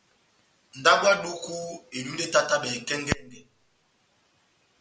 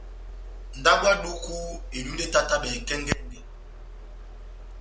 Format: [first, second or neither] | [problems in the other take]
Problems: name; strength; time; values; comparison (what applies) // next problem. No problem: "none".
first | background sound (Mechanisms); 10 dB below the speech